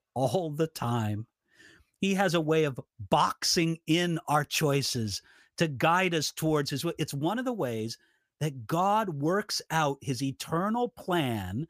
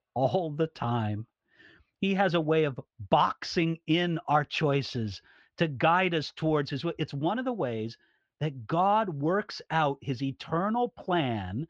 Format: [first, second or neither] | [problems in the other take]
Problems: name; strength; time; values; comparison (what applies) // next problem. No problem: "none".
first | muffled; slightly; fading above 4 kHz